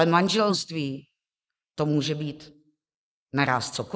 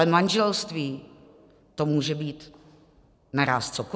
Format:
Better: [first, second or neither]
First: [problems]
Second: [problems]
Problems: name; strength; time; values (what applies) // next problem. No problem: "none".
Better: second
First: noise reduction (neural mask model Resemble Enhance denoiser)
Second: none